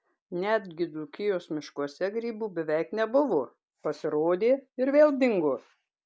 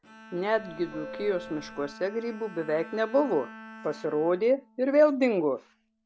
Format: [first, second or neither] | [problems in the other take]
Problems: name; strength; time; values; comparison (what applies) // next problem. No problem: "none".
first | background sound (Bowed string instrument + Subway, metro, underground / Doorbell); 17 dB below the speech